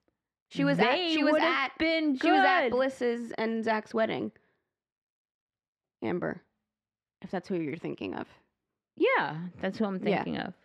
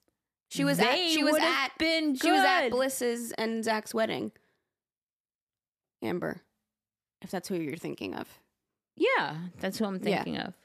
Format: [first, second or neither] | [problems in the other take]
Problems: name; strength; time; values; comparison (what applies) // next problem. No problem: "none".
second | muffled; slightly; fading above 3 kHz